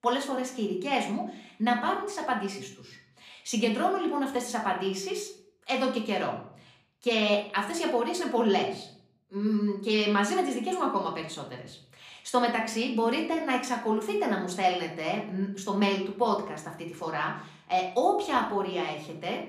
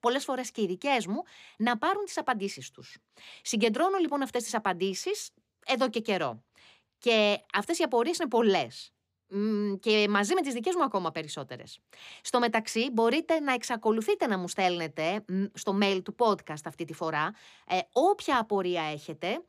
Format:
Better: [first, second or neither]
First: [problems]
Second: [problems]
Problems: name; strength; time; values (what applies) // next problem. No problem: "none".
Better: second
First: room echo; slight; dies away in 0.5 s // off-mic speech; somewhat distant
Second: none